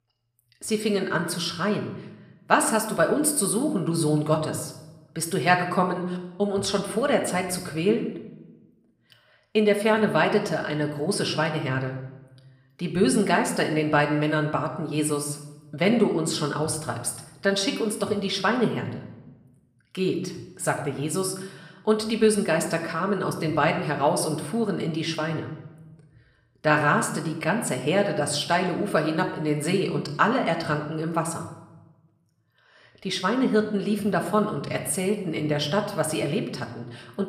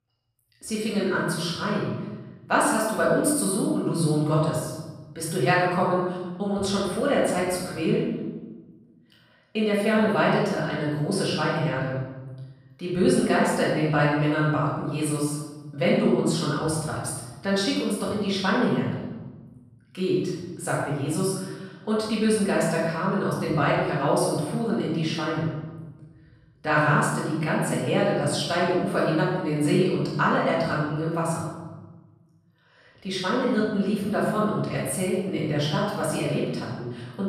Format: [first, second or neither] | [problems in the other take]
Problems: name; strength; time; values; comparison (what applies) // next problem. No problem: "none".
first | room echo; strong; dies away in 1.2 s; slight in the first // off-mic speech; far; somewhat distant in the first